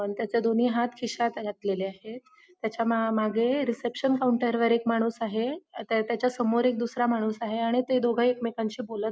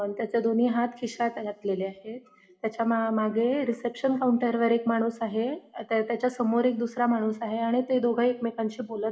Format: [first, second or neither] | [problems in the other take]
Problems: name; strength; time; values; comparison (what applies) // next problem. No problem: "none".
first | room echo; dies away in 0.8 s